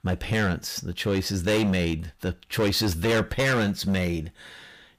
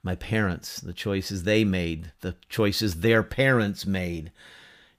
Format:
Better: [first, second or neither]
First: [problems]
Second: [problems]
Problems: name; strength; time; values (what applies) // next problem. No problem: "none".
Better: second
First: distortion; heavy; 12% of the sound clipped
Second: none